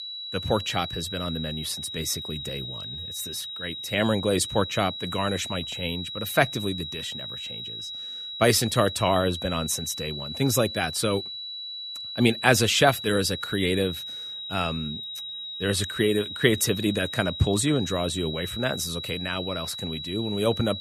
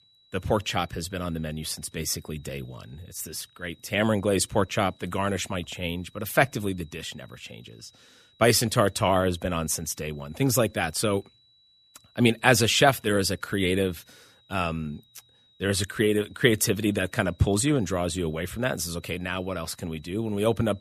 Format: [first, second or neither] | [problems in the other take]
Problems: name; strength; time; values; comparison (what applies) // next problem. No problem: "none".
second | high-pitched whine; loud; throughout; 4 kHz, 7 dB below the speech; faint in the second